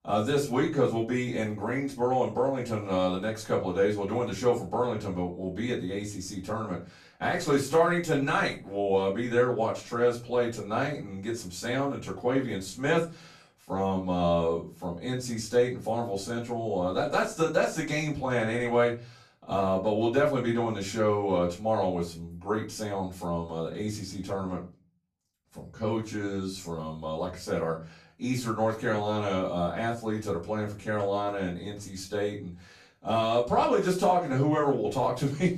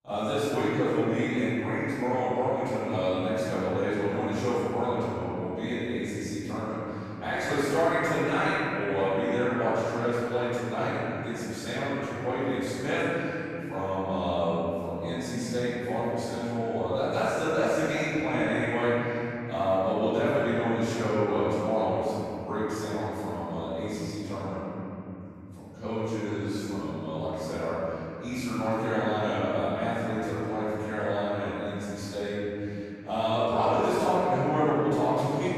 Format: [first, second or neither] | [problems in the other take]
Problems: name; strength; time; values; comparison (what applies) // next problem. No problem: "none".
first | room echo; strong; dies away in 3 s; slight in the first // off-mic speech; far; far in the first